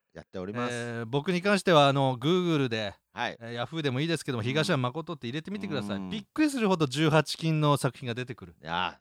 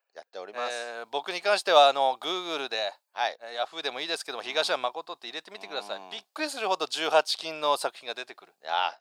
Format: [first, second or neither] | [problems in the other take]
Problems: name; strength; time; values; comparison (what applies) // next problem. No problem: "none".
first | thin; very; fading below 500 Hz